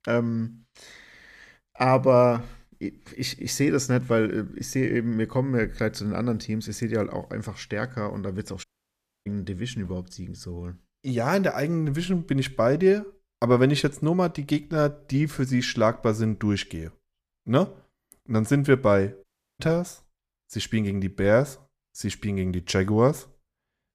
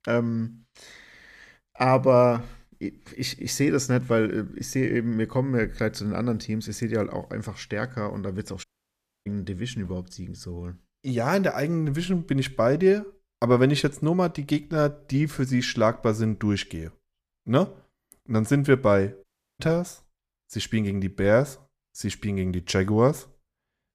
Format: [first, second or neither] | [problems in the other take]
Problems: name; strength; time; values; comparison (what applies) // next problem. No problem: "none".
neither | audio cutting out; at 8.5 s for 0.5 s and at 19 s; the same in both